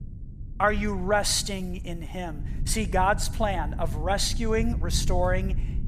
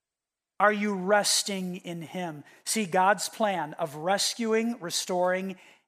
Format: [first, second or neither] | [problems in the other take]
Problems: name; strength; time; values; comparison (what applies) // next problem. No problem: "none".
second | low rumble; faint; throughout; 20 dB below the speech